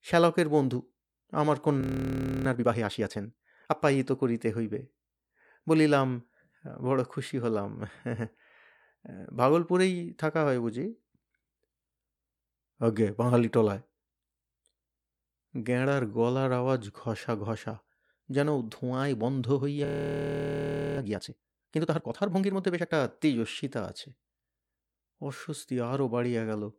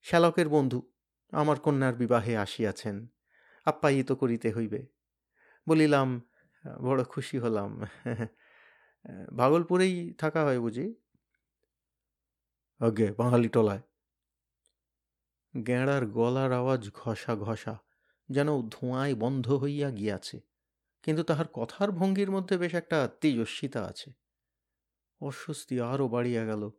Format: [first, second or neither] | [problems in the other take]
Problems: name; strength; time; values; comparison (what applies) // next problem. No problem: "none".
second | audio freezing; at 2 s for 0.5 s and at 20 s for 1 s